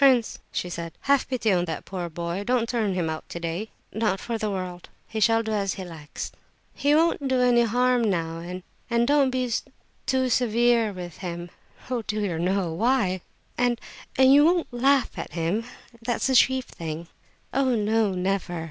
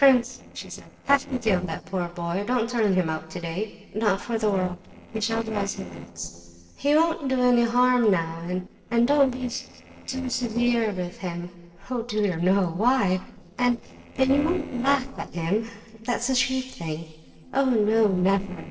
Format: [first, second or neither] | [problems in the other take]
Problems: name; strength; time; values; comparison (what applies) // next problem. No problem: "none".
first | noise reduction (neural separator model SepFormer DNS4)